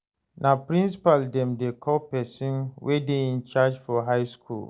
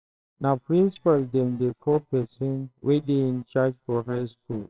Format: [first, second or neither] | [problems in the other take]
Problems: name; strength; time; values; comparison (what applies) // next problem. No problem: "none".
first | noise reduction (neural separator model SepFormer WHAMR!)